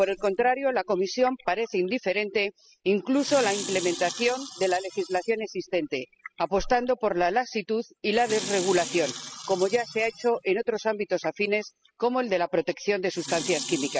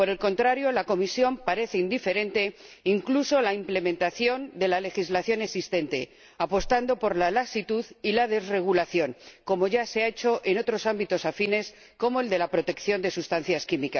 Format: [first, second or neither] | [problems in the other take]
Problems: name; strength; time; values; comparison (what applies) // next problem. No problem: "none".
second | noise reduction (classical method spectral subtraction)